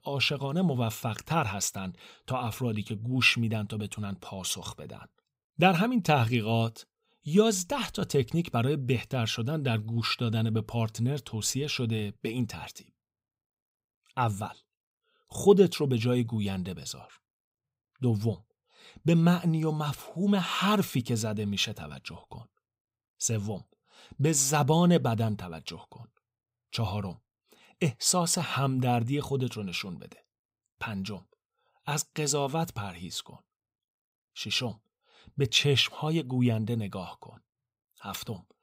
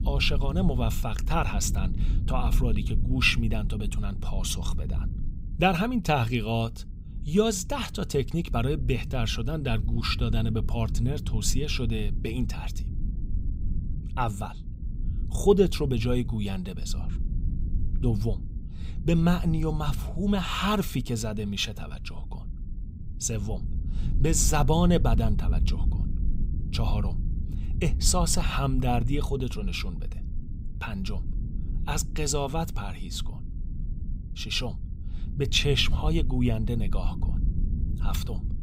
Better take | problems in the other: first | low rumble; noticeable; throughout; 15 dB below the speech

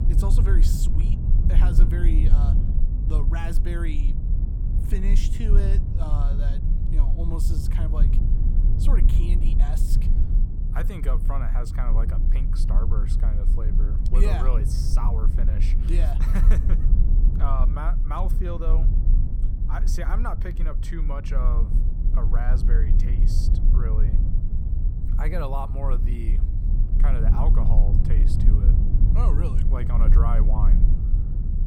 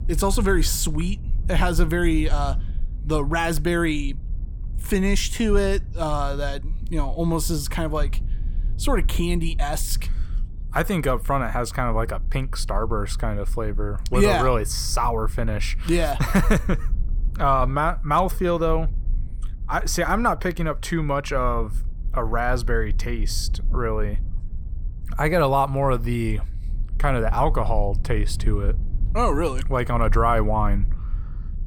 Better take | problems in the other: second | low rumble; loud; throughout; 4 dB below the speech; faint in the second

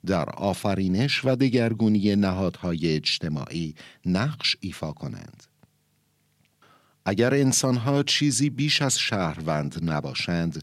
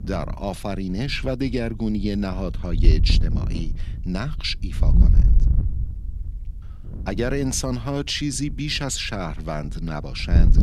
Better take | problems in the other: first | wind noise on the microphone; occasional gusts; 15 dB below the speech

